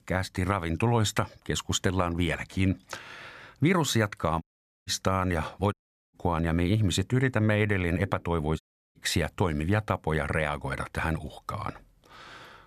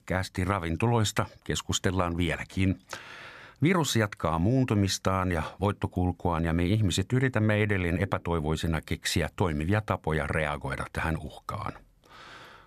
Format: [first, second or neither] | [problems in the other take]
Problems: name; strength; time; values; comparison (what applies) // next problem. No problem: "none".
second | audio cutting out; at 4.5 s, at 5.5 s and at 8.5 s